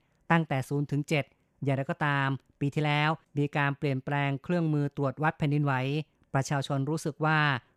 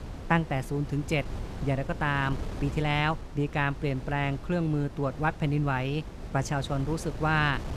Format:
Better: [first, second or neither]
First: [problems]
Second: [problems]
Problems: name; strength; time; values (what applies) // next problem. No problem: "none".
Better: first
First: none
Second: wind noise on the microphone; occasional gusts; 15 dB below the speech